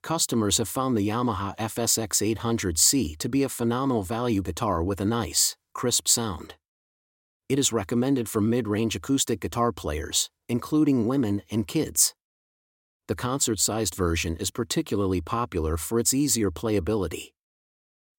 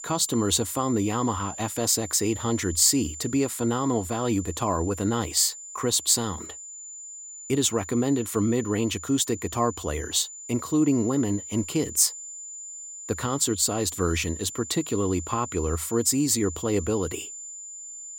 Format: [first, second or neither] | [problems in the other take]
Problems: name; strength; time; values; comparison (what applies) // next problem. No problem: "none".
first | high-pitched whine; noticeable; throughout; 7 kHz, 10 dB below the speech